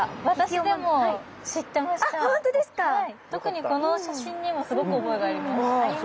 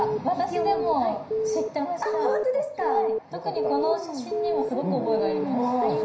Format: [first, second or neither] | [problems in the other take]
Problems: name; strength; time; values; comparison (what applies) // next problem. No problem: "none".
first | background sound (Alarm / Keyboard (musical)); 2 dB below the speech // room echo; dies away in 0.5 s